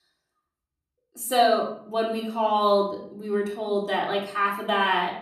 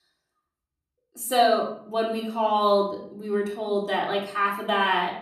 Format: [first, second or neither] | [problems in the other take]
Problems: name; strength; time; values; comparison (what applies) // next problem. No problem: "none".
neither | off-mic speech; far; the same in both // room echo; slight; dies away in 0.5 s; the same in both